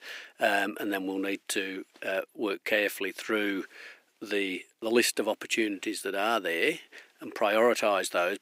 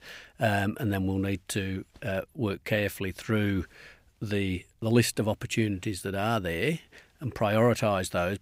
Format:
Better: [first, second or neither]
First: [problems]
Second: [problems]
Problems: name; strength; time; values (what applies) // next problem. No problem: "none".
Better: second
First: thin; somewhat; fading below 300 Hz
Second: none